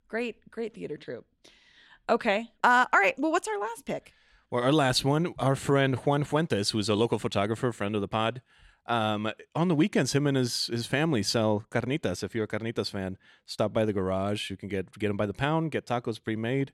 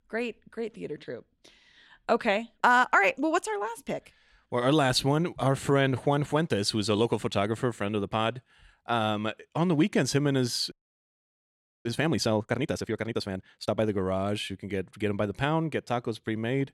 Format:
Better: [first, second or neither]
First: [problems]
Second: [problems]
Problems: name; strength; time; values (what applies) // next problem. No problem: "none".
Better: first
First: none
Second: audio freezing; at 11 s for 1 s